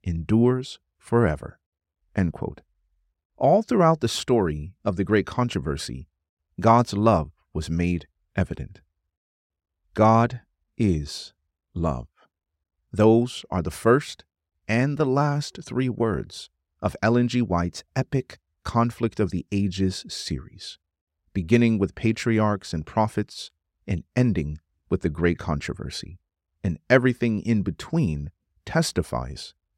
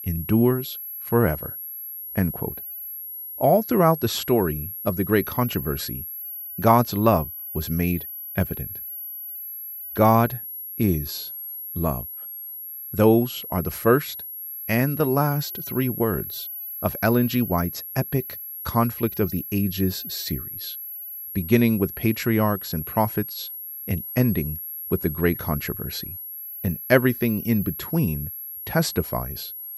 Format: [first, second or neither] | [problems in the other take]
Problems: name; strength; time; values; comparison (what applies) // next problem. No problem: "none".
first | high-pitched whine; loud; throughout; 11.5 kHz, 8 dB below the speech